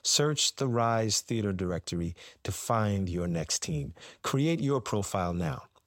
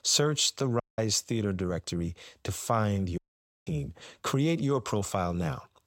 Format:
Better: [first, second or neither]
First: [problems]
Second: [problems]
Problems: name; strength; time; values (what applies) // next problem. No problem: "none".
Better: first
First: none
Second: audio cutting out; at 1 s and at 3 s